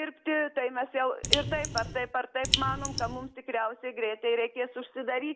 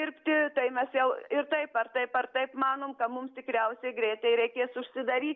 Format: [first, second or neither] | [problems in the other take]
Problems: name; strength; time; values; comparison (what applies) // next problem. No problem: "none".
second | background sound (Raindrop); 1 dB below the speech